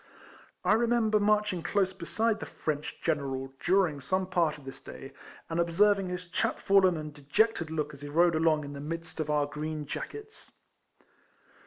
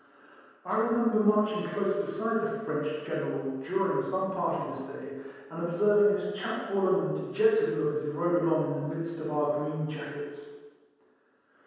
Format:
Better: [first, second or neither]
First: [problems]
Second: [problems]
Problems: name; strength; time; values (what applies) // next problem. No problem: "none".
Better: first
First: none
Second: room echo; dies away in 1.2 s